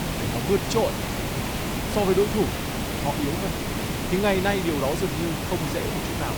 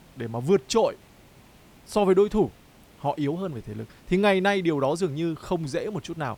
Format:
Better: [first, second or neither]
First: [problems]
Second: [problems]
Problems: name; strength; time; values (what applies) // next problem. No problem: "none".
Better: second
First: hiss; loud; throughout; 1 dB below the speech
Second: hiss; faint; throughout; 30 dB below the speech